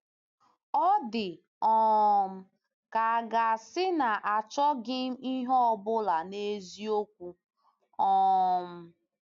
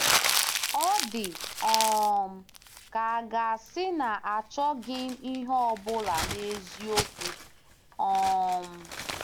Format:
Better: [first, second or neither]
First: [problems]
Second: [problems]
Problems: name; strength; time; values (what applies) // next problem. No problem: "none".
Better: first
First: none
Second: background sound (Crumpling, crinkling); 4 dB below the speech